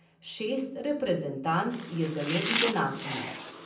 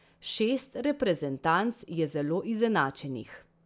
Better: second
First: background sound (Domestic sounds, home sounds); 4 dB below the speech // room echo; dies away in 0.6 s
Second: none

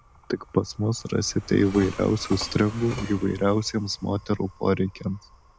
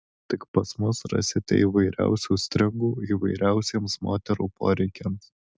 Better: second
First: background sound (Train); 16 dB below the speech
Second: none

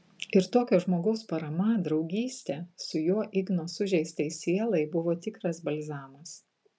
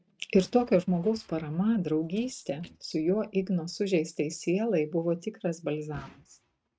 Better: first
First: none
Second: noise reduction (neural mask model RNNoise)

